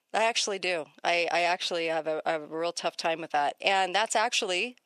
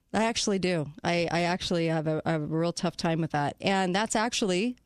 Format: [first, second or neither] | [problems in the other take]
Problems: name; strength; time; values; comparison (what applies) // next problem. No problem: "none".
second | thin; very; fading below 550 Hz